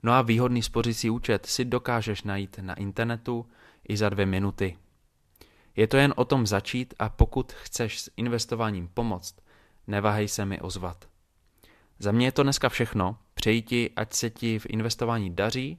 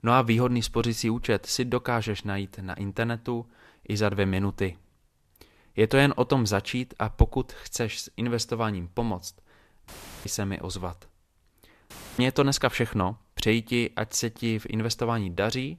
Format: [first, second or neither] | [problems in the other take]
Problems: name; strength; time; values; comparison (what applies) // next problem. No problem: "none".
first | audio cutting out; filled with static; at 10 s and at 12 s